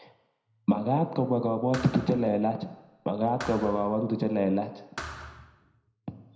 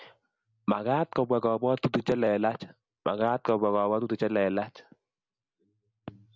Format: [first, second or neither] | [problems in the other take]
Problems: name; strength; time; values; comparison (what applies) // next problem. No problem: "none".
second | background sound (Thump, thud); 15 dB below the speech // room echo; dies away in 0.8 s